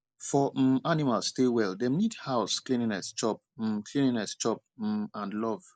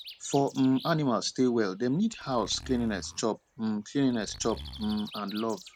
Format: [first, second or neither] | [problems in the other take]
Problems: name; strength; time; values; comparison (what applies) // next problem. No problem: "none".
first | background sound (Zipper (clothing) + Bird); 18 dB below the speech